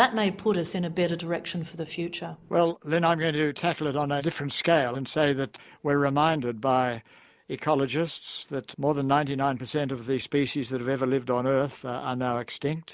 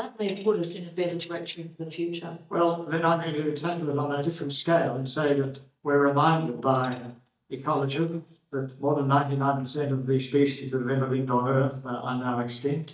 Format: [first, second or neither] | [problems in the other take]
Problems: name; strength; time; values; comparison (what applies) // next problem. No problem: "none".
first | noise reduction (neural mask model DeepFilterNet 3)